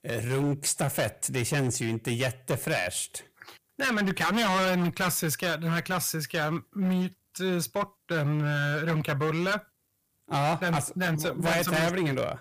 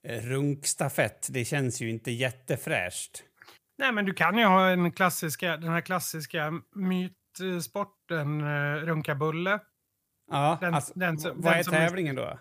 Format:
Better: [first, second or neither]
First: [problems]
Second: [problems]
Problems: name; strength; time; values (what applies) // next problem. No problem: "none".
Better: second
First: distortion; heavy; 15% of the sound clipped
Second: none